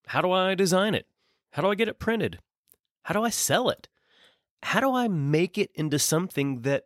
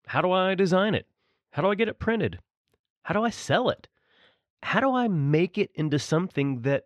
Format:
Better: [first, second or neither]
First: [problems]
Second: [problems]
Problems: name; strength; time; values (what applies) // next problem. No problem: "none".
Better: first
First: none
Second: muffled; slightly; fading above 3 kHz